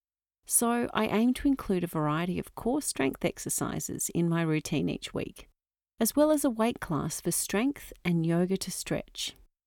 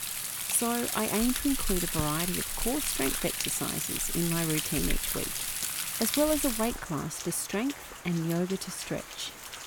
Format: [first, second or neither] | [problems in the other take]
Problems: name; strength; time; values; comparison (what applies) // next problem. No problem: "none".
first | rain or running water; very loud; throughout; as loud as the speech